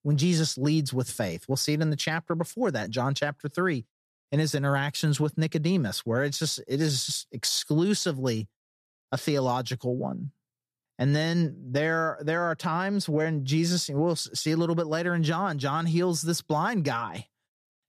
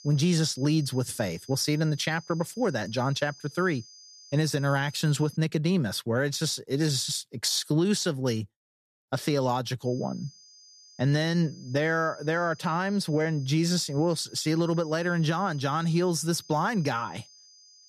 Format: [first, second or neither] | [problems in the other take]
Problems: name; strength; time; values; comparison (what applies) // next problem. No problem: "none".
first | high-pitched whine; faint; until 5.5 s and from 10 s on; 5 kHz, 20 dB below the speech